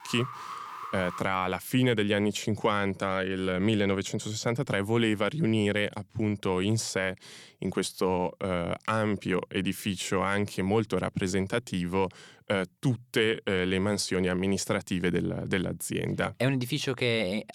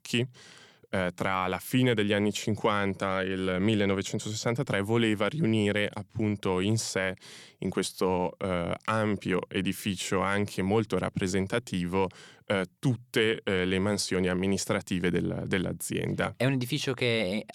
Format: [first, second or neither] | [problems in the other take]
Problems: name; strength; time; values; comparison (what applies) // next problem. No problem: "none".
second | alarm; faint; until 1 s; peak 10 dB below the speech